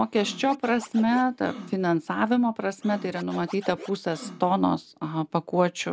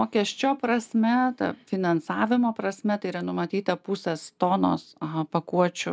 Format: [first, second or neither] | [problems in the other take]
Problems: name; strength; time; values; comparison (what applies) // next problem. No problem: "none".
second | background sound (Scratching (performance technique)); 18 dB below the speech